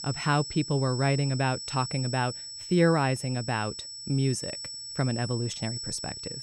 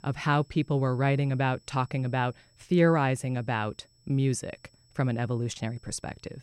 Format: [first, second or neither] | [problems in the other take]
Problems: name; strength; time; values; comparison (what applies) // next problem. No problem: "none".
second | high-pitched whine; loud; throughout; 5.5 kHz, 8 dB below the speech; faint in the second